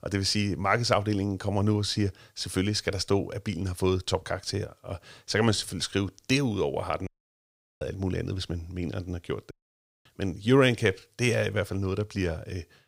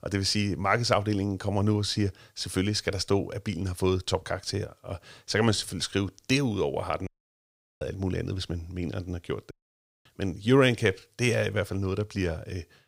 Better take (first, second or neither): neither